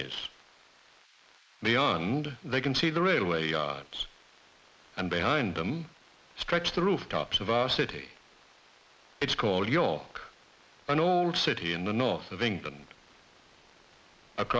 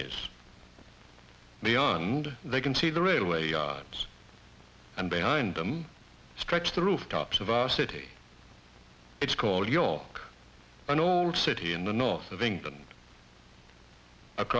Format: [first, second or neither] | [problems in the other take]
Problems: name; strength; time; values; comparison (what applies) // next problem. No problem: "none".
second | noise reduction (neural mask model Resemble Enhance denoiser)